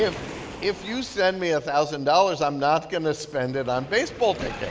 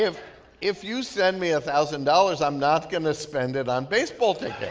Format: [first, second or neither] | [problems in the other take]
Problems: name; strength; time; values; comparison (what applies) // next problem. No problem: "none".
second | background sound (Waves, surf); 16 dB below the speech